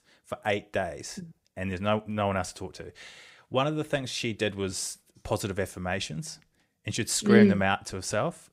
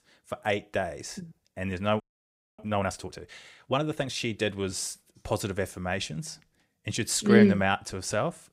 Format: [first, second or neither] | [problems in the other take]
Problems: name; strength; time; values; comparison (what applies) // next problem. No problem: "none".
first | audio freezing; at 2 s for 0.5 s